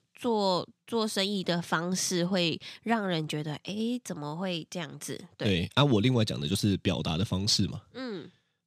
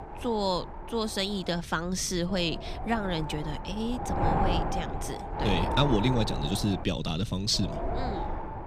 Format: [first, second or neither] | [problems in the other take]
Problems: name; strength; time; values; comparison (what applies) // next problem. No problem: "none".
first | wind noise on the microphone; heavy; 3 dB below the speech